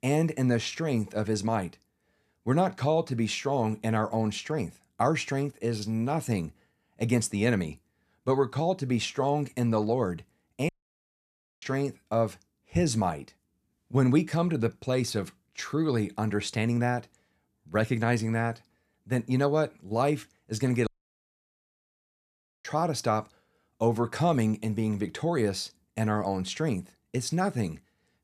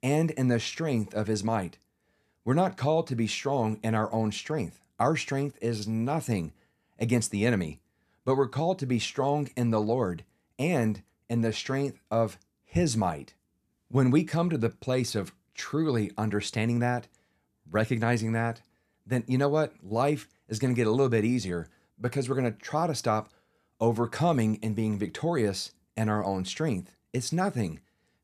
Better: second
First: audio cutting out; at 11 s for 1 s and at 21 s for 2 s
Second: none

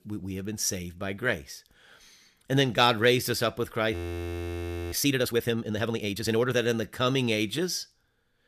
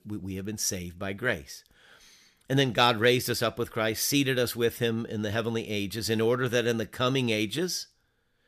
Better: second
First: audio freezing; at 4 s for 1 s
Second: none

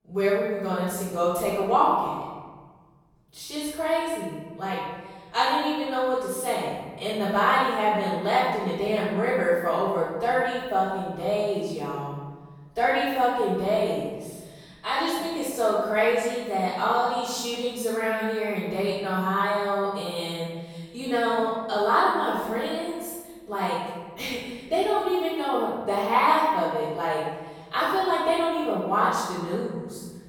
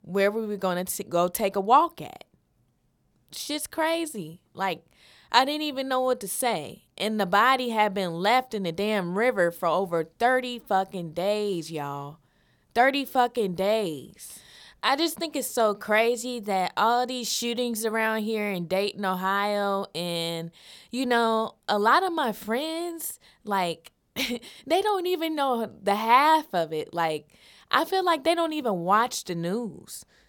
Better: second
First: off-mic speech; far // room echo; strong; dies away in 1.6 s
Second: none

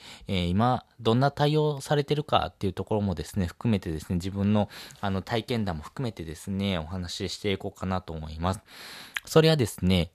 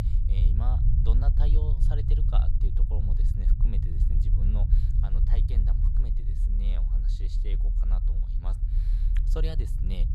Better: first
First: none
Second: low rumble; loud; throughout; 1 dB below the speech

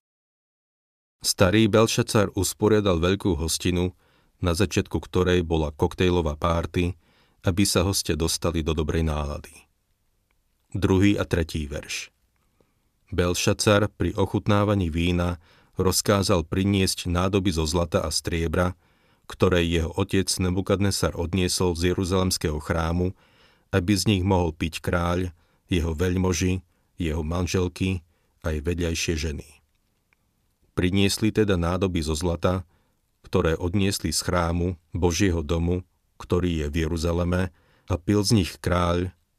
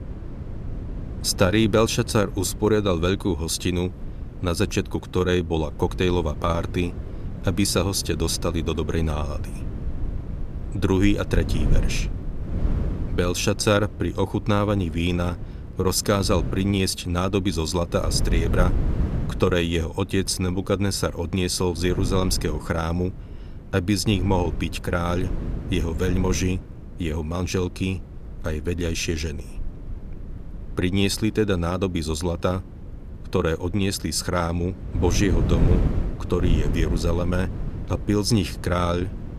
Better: first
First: none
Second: wind noise on the microphone; occasional gusts; 15 dB below the speech

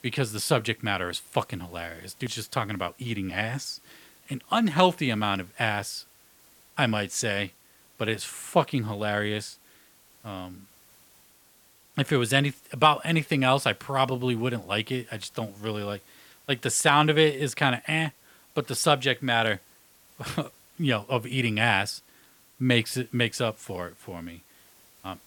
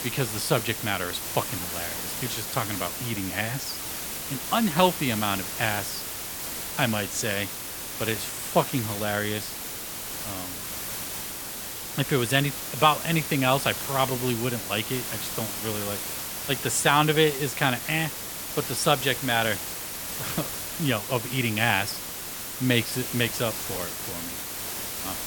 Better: first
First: hiss; faint; throughout; 30 dB below the speech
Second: hiss; loud; throughout; 5 dB below the speech

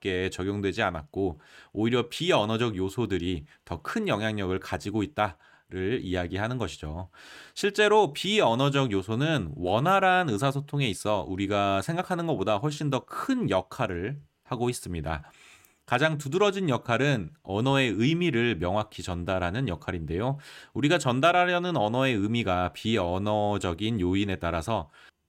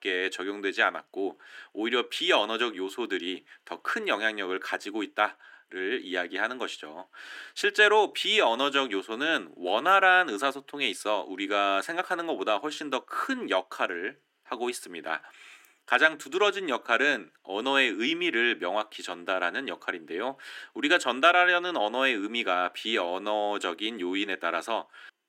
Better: first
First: none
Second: thin; somewhat; fading below 300 Hz

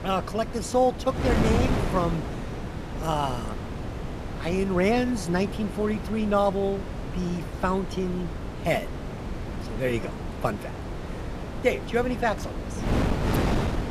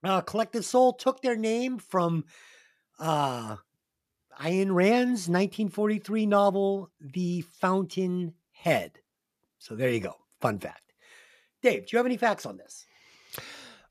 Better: second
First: wind noise on the microphone; heavy; 7 dB below the speech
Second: none

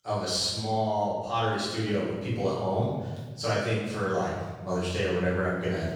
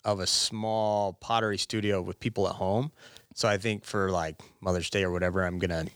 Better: second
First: room echo; strong; dies away in 1.3 s // off-mic speech; far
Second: none

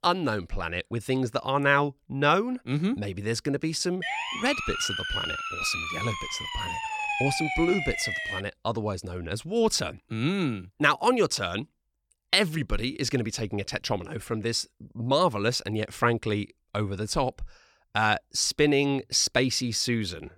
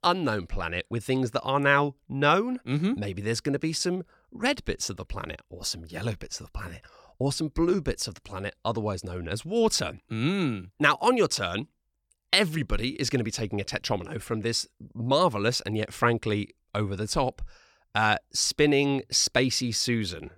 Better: second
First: siren; noticeable; from 4 to 8.5 s; peak level with the speech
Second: none

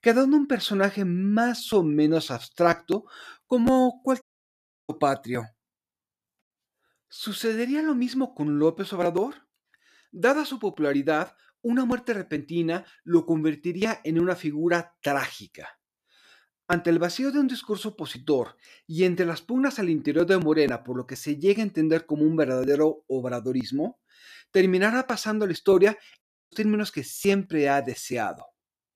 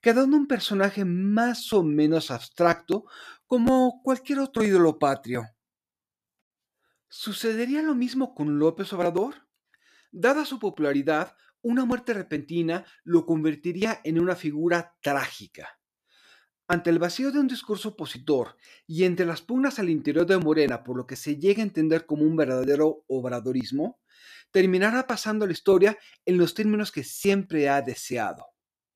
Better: second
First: audio cutting out; at 4 s for 0.5 s and at 26 s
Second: none

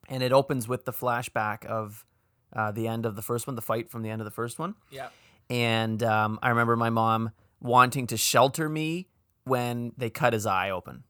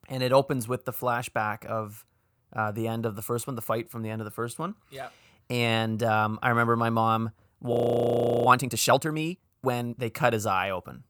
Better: first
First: none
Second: audio freezing; at 7.5 s for 0.5 s

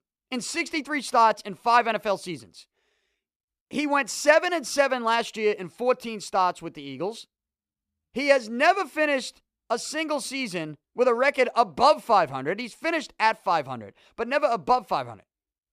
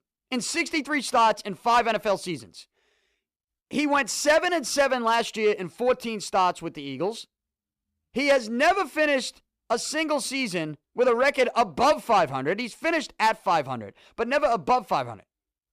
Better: first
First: none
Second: distortion; slight; 10 dB below the speech

